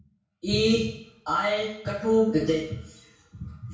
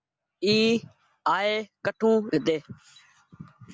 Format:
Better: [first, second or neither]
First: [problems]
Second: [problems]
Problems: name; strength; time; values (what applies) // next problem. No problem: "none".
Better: second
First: room echo; dies away in 0.6 s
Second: none